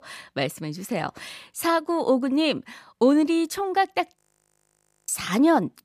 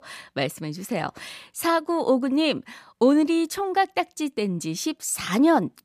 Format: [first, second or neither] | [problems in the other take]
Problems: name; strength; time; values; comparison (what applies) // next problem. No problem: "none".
second | audio freezing; at 4 s for 1 s